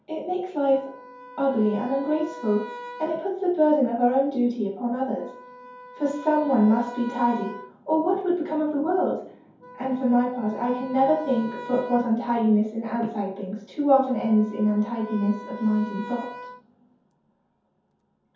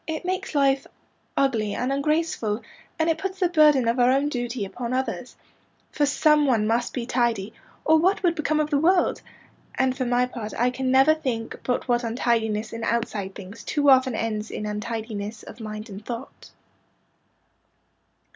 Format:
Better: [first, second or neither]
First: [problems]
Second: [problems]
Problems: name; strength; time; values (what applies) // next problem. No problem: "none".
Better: second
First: background sound (Wind instrument, woodwind instrument); 17 dB below the speech // room echo; dies away in 0.6 s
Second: none